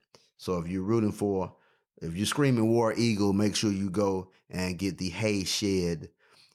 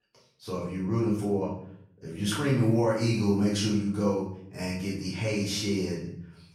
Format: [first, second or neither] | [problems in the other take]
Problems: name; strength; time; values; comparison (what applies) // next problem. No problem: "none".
first | off-mic speech; far // room echo; noticeable; dies away in 0.6 s